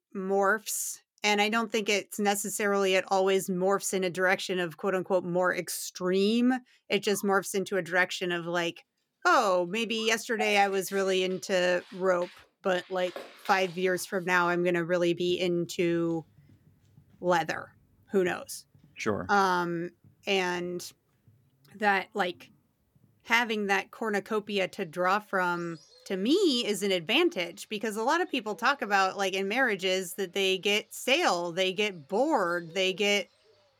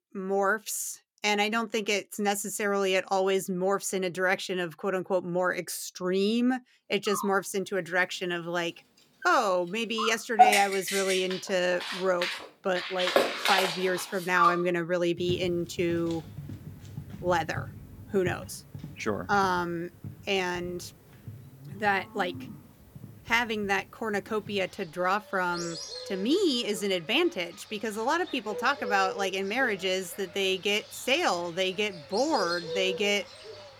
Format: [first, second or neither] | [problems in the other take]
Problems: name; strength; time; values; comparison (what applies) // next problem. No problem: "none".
first | animal sounds; loud; from 7 s on; 4 dB below the speech; faint in the first